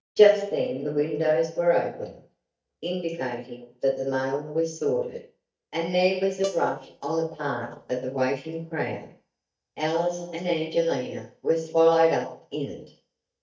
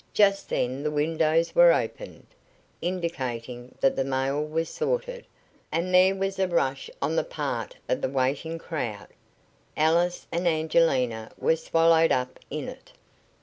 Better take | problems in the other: second | noise reduction (neural mask model DeepFilterNet 3)

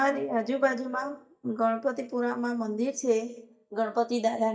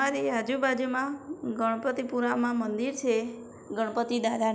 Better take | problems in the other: second | noise reduction (neural mask model DeepFilterNet 3)

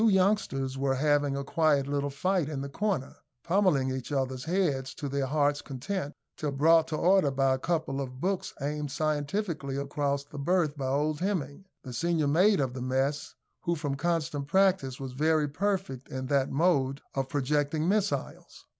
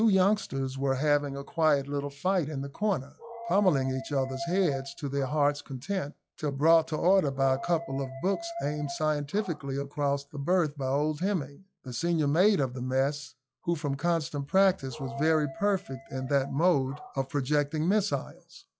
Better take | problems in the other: first | noise reduction (classical method log-MMSE)

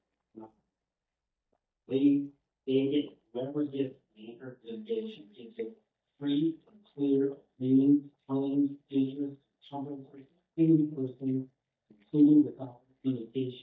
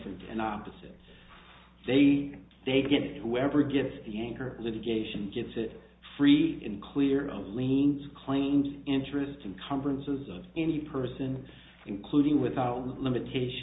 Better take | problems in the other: second | noise reduction (neural mask model DeepFilterNet 3)

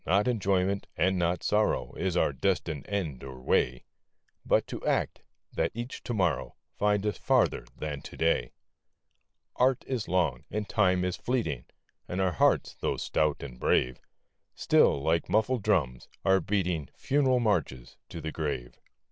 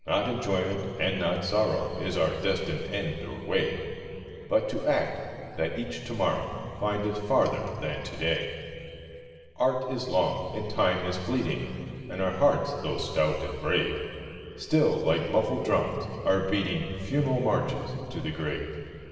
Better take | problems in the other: first | room echo; dies away in 2.7 s

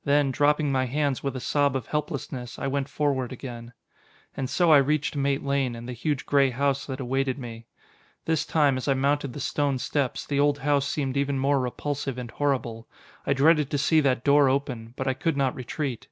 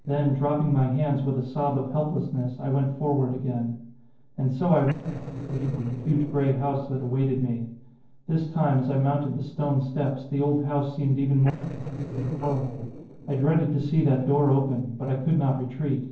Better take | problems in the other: first | noise reduction (neural separator model SepFormer DNS4)

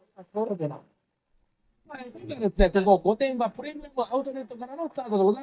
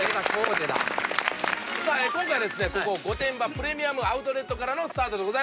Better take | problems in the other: second | noise reduction (neural mask model DeepFilterNet 3)

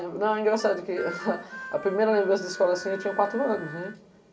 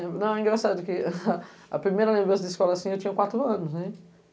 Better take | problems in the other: second | background sound (Harmonica); 14 dB below the speech // room echo; dies away in 1.3 s

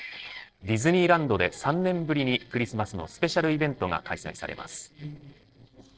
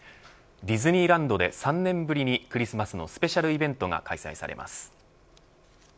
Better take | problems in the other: second | noise reduction (neural separator model SepFormer DNS4)

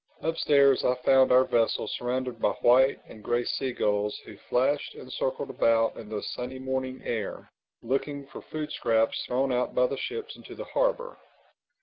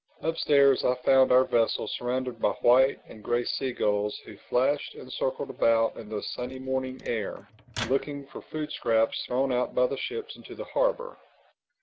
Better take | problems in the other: first | background sound (Microwave oven); 16 dB below the speech

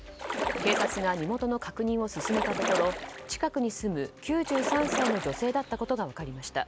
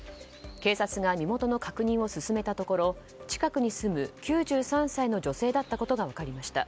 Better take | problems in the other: second | background sound (Splash, splatter); 3 dB below the speech

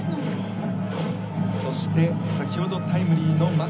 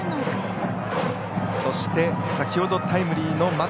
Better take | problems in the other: second | room echo; dies away in 0.4 s

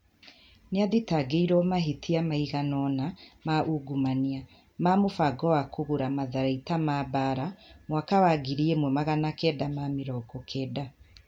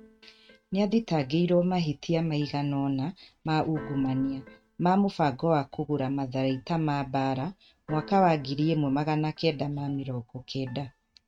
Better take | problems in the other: first | noise reduction (neural mask model RNNoise)

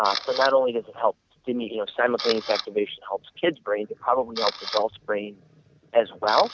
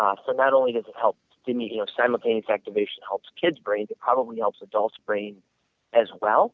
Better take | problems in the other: second | background sound (Camera); 11 dB below the speech

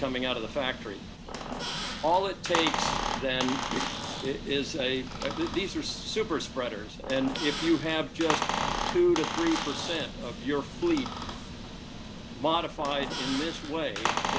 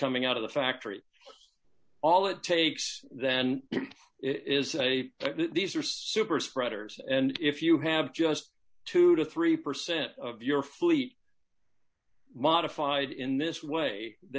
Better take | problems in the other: second | background sound (Squeak); 4 dB below the speech

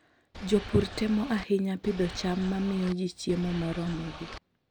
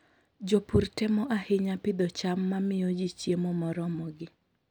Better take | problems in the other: second | background sound (Boat, Water vehicle); 12 dB below the speech

